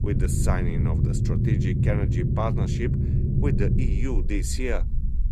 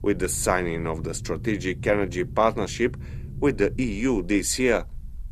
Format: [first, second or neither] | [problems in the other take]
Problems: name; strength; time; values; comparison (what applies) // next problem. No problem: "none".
second | low rumble; loud; throughout; 2 dB below the speech; faint in the second